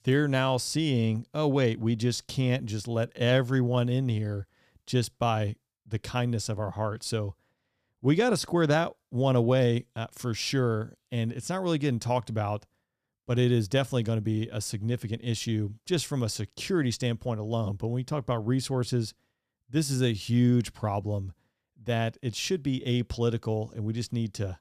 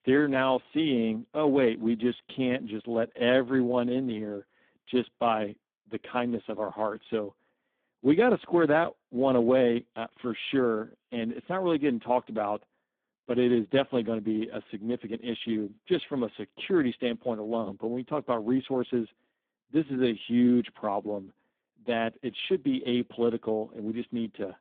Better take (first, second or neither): first